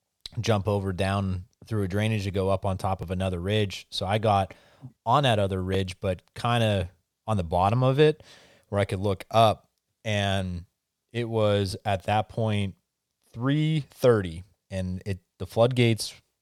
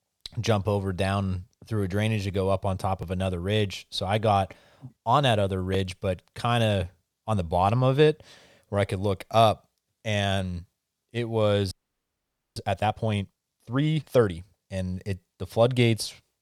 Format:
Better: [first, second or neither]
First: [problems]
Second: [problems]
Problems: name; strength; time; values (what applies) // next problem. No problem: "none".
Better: first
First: none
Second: audio freezing; at 12 s for 1 s